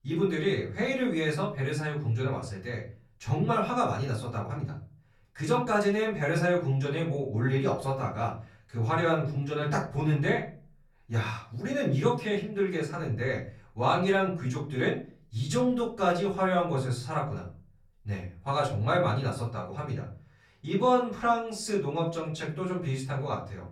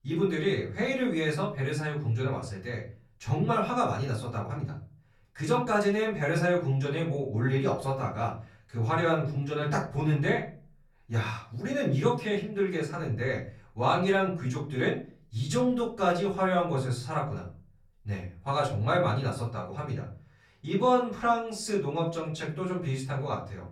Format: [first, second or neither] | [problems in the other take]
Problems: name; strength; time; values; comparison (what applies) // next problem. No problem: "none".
neither | off-mic speech; far; the same in both // room echo; slight; dies away in 0.4 s; the same in both